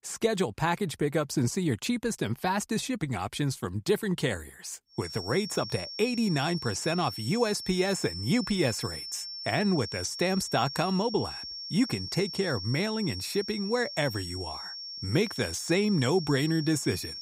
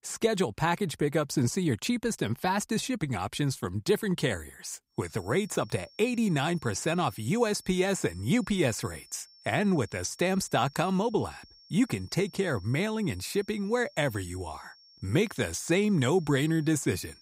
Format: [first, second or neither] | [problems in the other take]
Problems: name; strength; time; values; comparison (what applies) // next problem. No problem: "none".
second | high-pitched whine; loud; from 5 s on; 5.5 kHz, 8 dB below the speech; faint in the second